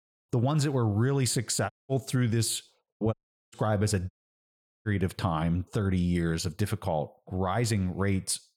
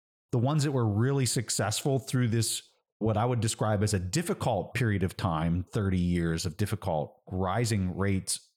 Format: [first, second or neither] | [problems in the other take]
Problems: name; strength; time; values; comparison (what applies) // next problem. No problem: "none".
second | audio cutting out; at 1.5 s, at 3 s and at 4 s for 1 s